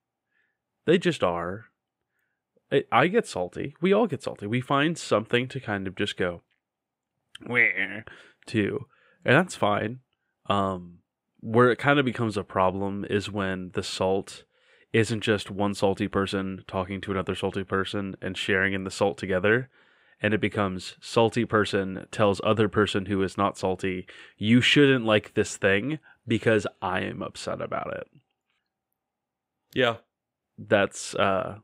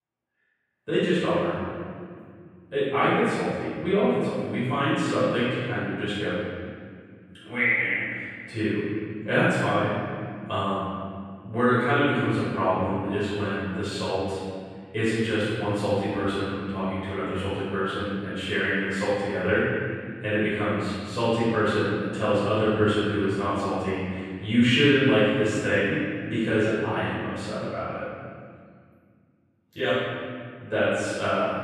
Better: first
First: none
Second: room echo; strong; dies away in 2 s // off-mic speech; far

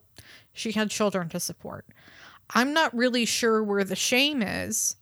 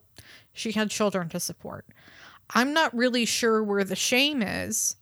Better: neither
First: none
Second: none

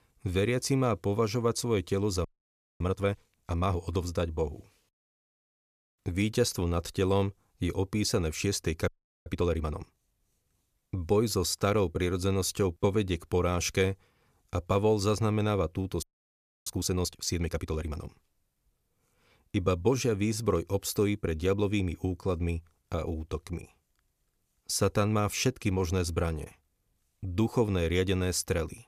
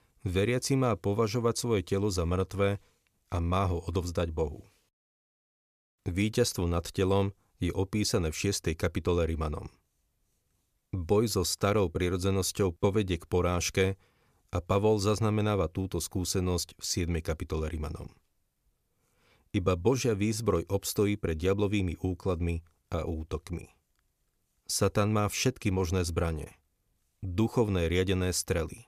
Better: second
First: audio freezing; at 2.5 s for 0.5 s, at 9 s and at 16 s for 0.5 s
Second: none

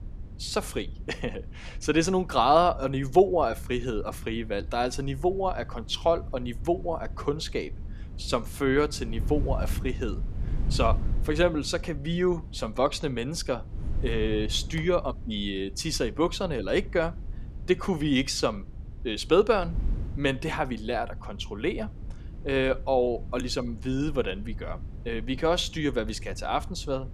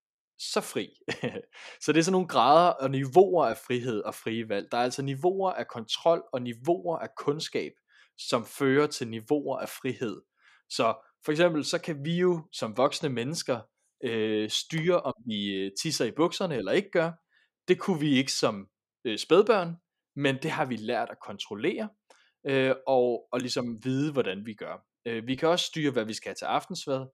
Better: second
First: wind noise on the microphone; occasional gusts; 25 dB below the speech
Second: none

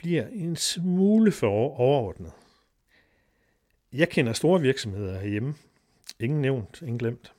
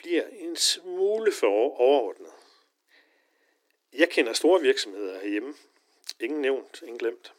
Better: first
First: none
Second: thin; very; fading below 300 Hz

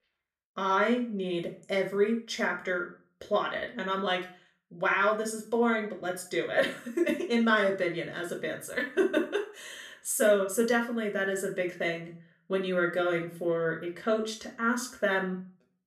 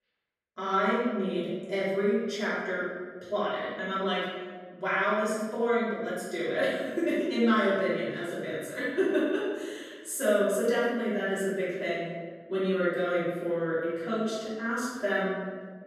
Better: first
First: room echo; slight; dies away in 0.4 s // off-mic speech; somewhat distant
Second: room echo; strong; dies away in 1.5 s // off-mic speech; far

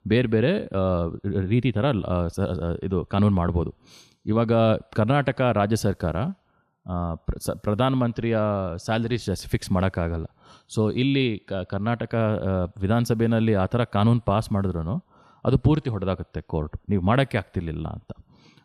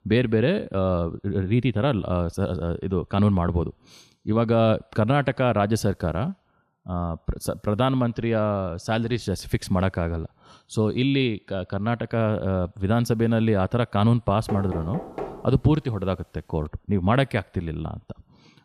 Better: first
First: none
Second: door banging; noticeable; at 14 s; peak 9 dB below the speech

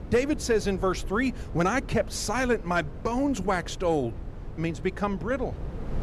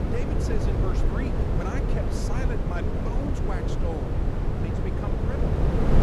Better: first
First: wind noise on the microphone; occasional gusts; 20 dB below the speech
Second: wind noise on the microphone; heavy; 4 dB above the speech

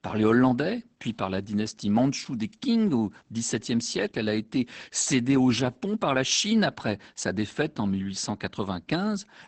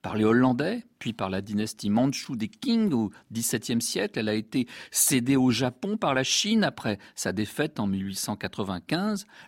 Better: second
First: garbled, watery; badly; nothing above 8 kHz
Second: none

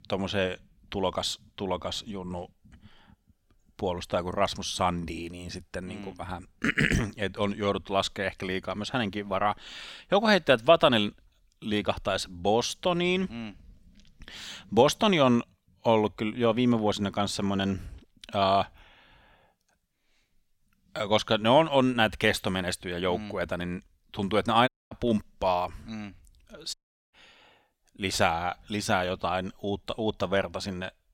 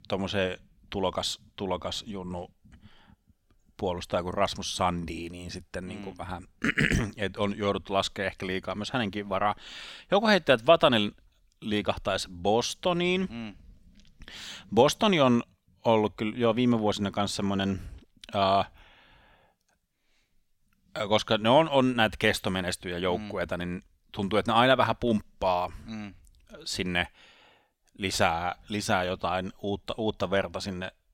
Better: second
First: audio cutting out; at 25 s and at 27 s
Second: none

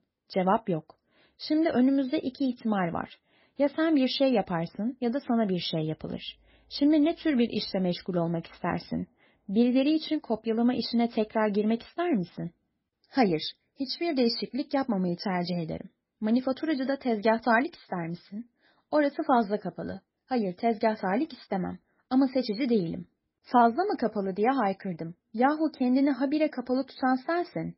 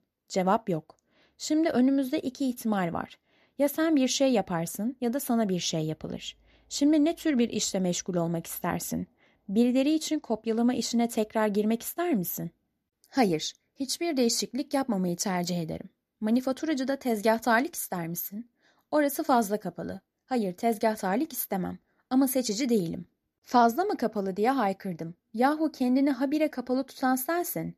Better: second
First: garbled, watery; badly; nothing above 5.5 kHz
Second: none

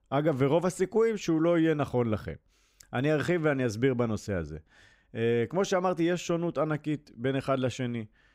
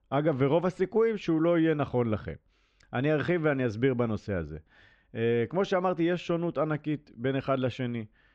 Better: first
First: none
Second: muffled; slightly; fading above 4 kHz

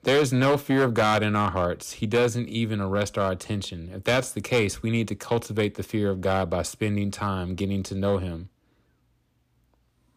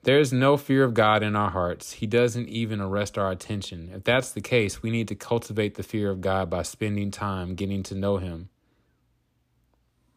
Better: second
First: distortion; slight; 4% of the sound clipped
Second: none

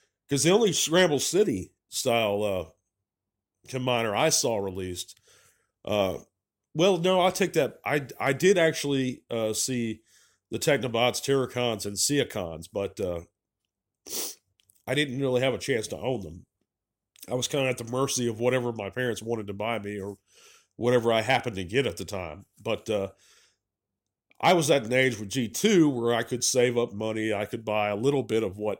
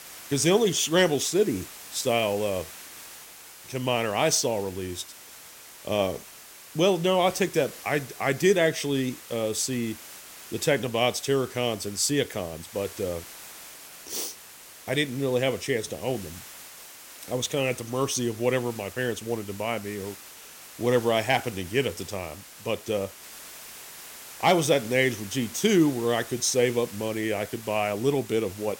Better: first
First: none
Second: hiss; noticeable; throughout; 15 dB below the speech

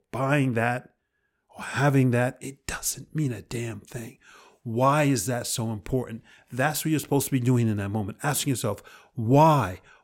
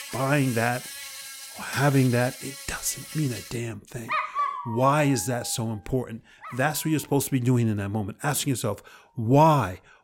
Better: first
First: none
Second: animal sounds; loud; throughout; 10 dB below the speech

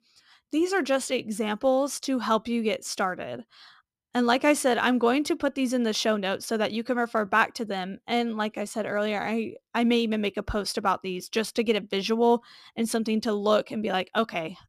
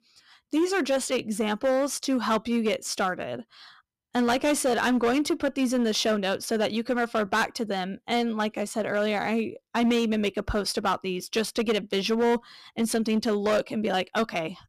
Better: first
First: none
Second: distortion; slight; 8% of the sound clipped

